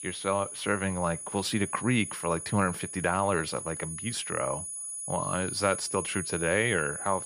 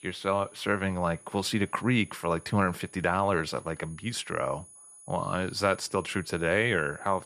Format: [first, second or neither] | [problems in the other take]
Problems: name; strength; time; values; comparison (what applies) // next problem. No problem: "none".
second | high-pitched whine; loud; throughout; 10 kHz, 6 dB below the speech; faint in the second